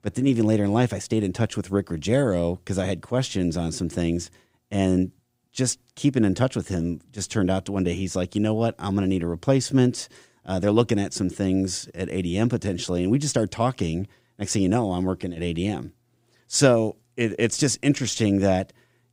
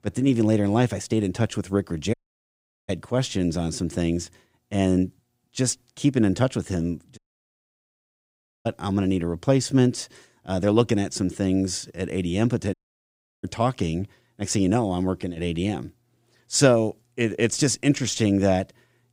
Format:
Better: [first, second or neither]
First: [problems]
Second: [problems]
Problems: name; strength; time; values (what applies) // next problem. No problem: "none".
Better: first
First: none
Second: audio cutting out; at 2 s for 0.5 s, at 7 s for 1.5 s and at 13 s for 0.5 s